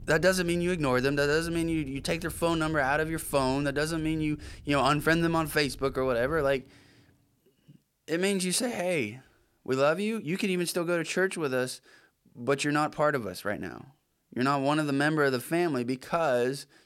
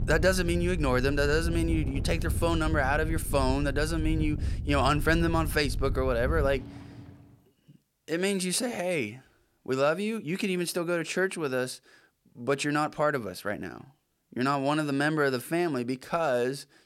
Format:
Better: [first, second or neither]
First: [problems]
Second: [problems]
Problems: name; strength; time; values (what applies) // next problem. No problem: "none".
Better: first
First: rain or running water; faint; until 7 s; 20 dB below the speech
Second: rain or running water; loud; until 7 s; 5 dB below the speech